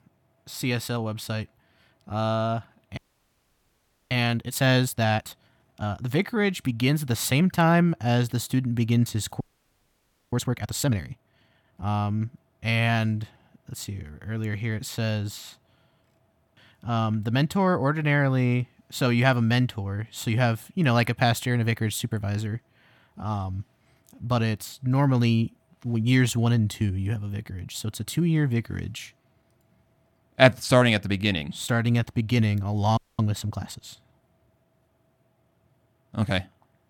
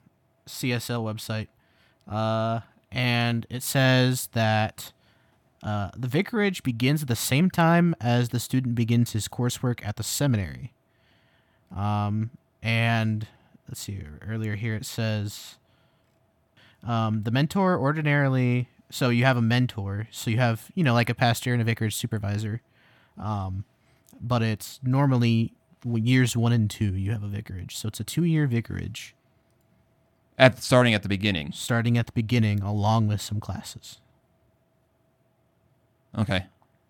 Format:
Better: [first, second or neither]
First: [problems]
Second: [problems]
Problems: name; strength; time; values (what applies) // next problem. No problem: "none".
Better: second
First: audio freezing; at 3 s for 1 s, at 9.5 s for 1 s and at 33 s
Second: none